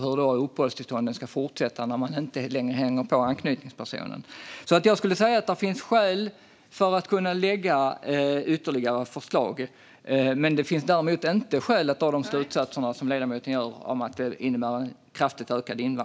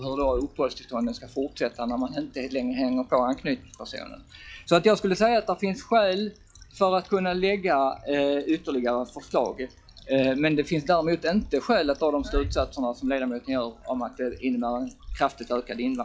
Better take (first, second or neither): first